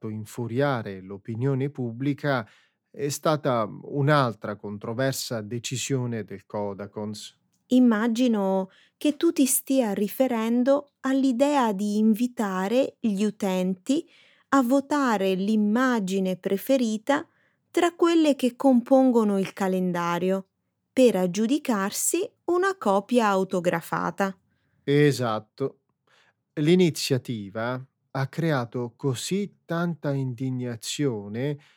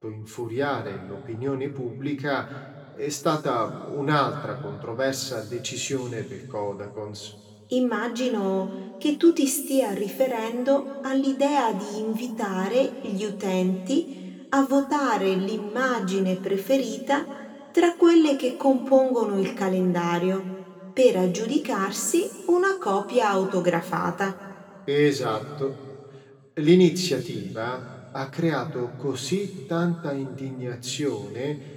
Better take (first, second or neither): first